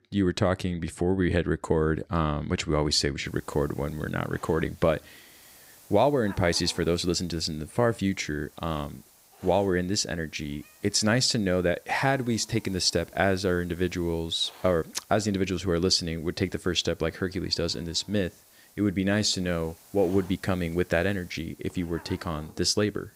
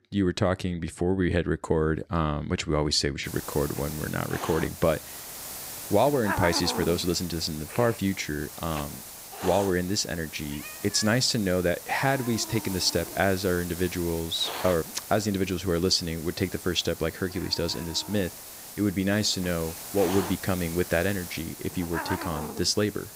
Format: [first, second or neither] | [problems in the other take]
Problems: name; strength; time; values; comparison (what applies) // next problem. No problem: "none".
first | hiss; loud; from 3.5 s on; 10 dB below the speech; faint in the first